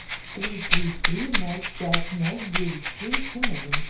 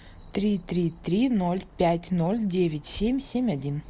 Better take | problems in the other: second | background sound (Rattle (instrument)); 5 dB above the speech // room echo; dies away in 0.5 s

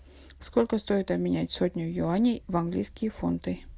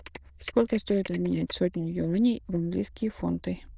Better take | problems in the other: first | noise reduction (neural diffusion model UNIVERSE++)

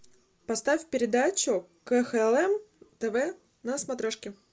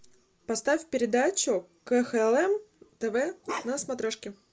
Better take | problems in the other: first | background sound (Bark); 10 dB below the speech

